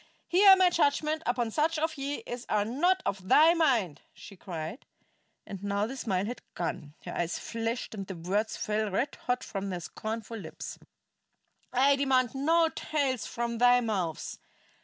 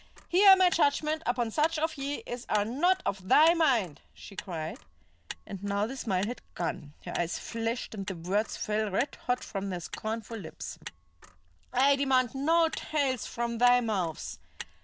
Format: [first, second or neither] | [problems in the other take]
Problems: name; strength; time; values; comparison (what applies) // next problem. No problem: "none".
first | background sound (Motor vehicle (road)); 18 dB below the speech